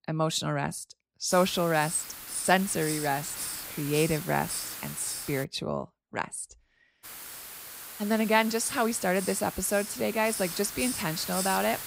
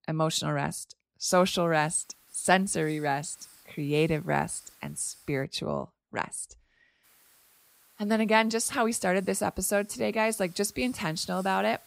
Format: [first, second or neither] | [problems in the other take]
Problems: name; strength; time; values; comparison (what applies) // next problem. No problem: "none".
second | hiss; loud; from 1.5 to 5.5 s and from 7 s on; 7 dB below the speech; faint in the second